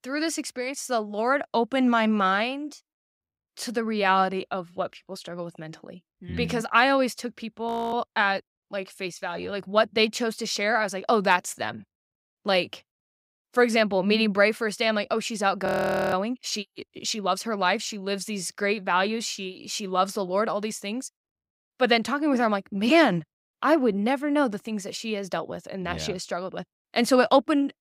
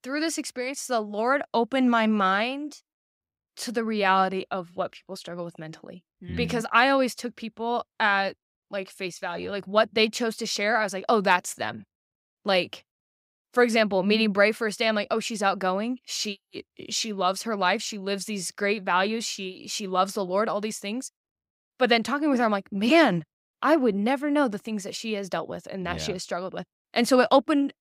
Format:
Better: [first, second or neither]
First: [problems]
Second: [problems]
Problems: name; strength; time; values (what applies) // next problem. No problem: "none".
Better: second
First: audio freezing; at 7.5 s and at 16 s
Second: none